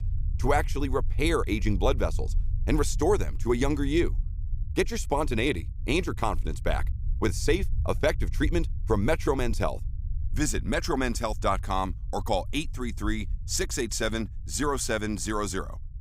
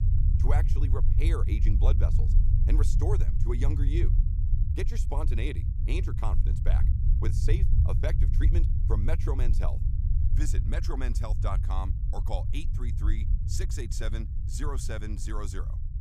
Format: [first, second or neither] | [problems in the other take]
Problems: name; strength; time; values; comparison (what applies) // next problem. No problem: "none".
first | low rumble; loud; throughout; 5 dB below the speech; faint in the first